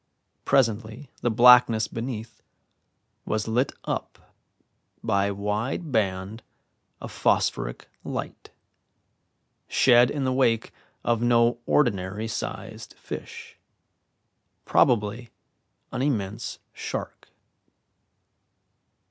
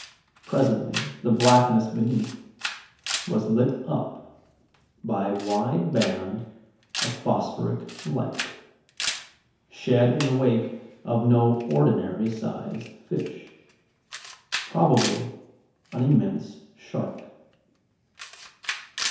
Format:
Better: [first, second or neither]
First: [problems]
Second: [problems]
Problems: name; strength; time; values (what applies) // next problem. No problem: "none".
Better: first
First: none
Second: background sound (Camera); 12 dB below the speech // room echo; dies away in 1 s